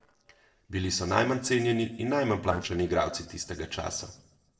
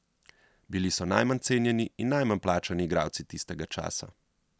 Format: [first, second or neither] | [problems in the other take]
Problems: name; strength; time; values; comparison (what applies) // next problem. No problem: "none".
second | noise reduction (neural separator model SepFormer DNS4)